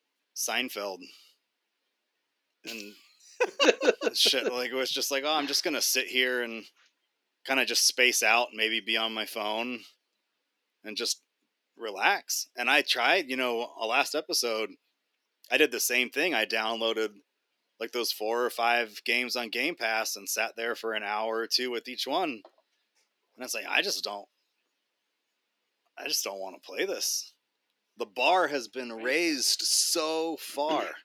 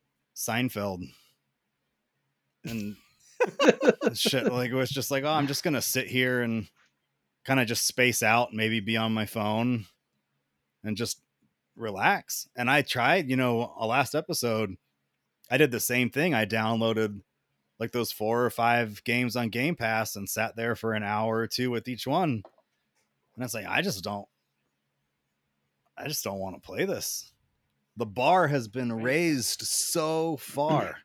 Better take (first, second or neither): second